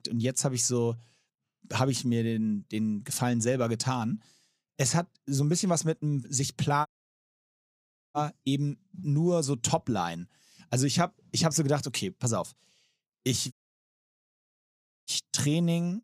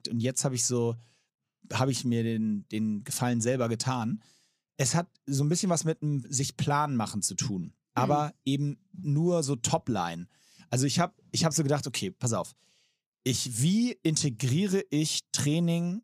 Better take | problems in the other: second | audio cutting out; at 7 s for 1.5 s and at 14 s for 1.5 s

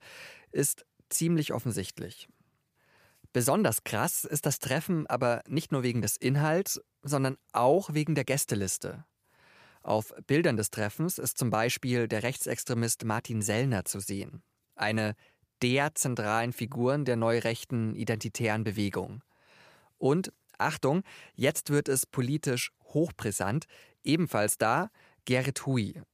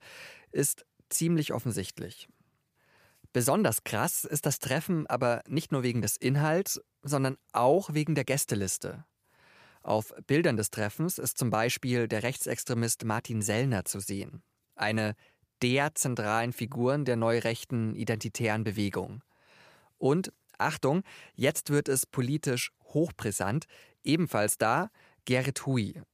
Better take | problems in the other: neither | none

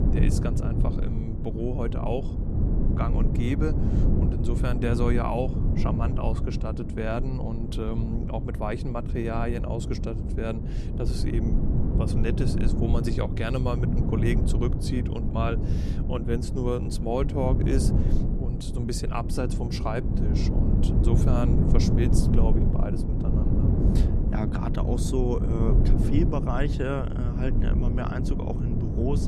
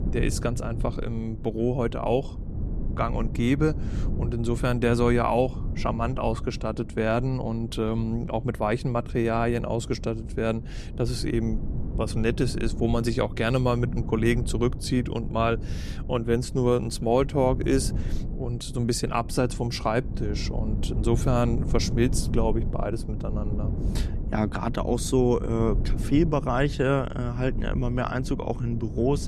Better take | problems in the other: second | wind noise on the microphone; heavy; 3 dB below the speech; occasional gusts in the second

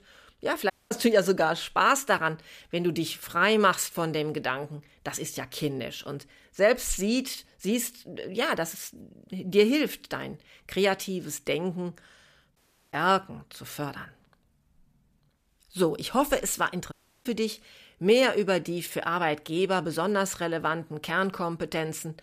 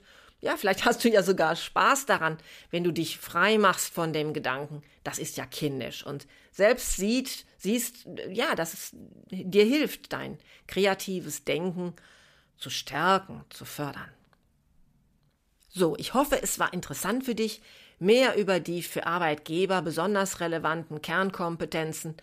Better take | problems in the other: second | audio cutting out; at 0.5 s, at 13 s and at 17 s

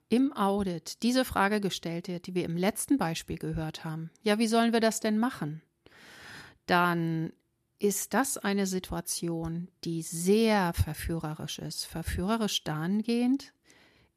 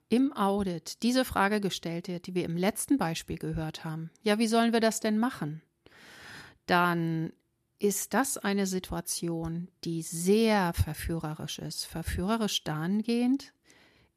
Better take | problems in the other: neither | none

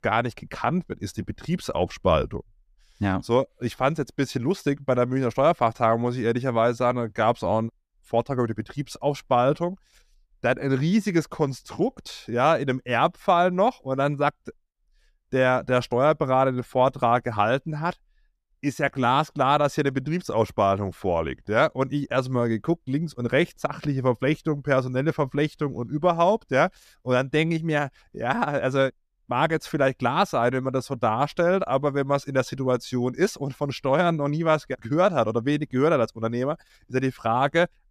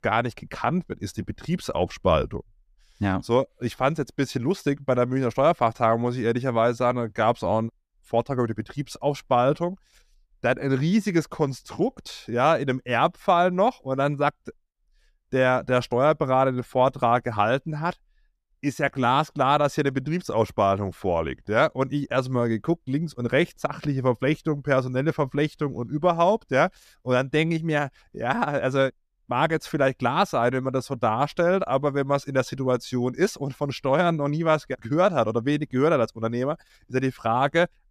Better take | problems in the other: neither | none

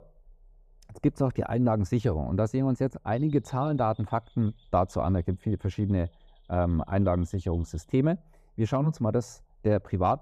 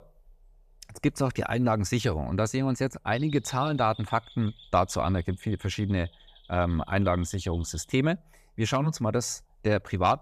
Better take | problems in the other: second | muffled; slightly; fading above 1.5 kHz

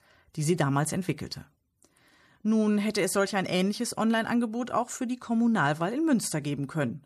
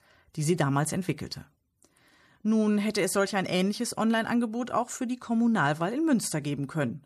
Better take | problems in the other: neither | none

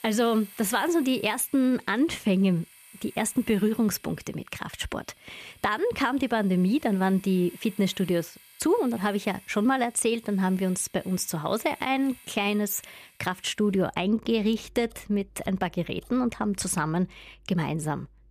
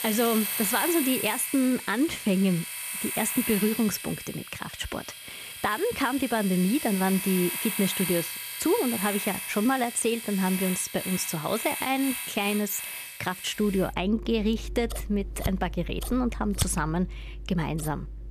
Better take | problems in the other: first | household noises; loud; throughout; 5 dB below the speech; faint in the first

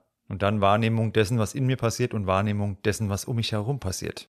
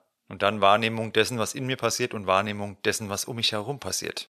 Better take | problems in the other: first | thin; somewhat; fading below 1 kHz

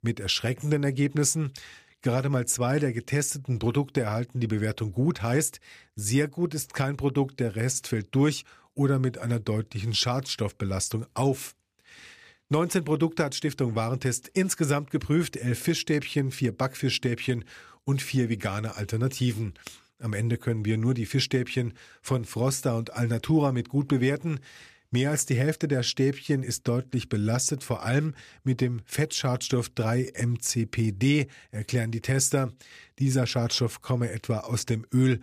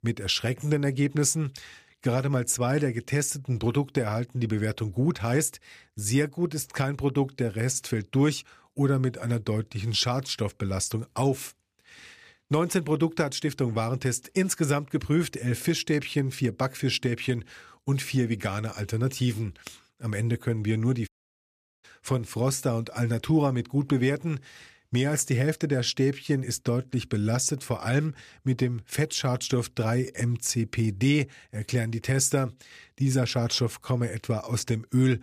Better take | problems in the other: first | audio cutting out; at 21 s for 1 s

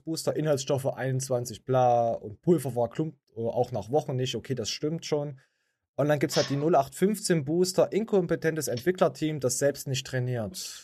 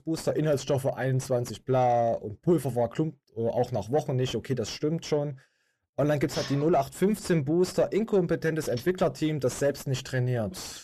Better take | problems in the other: first | distortion; slight; 10 dB below the speech

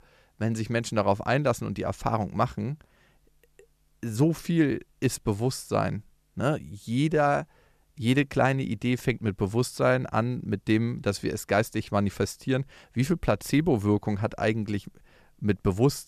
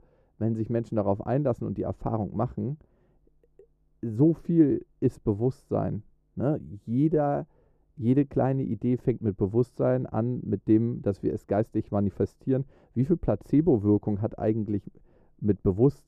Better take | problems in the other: first | muffled; very; fading above 1.5 kHz

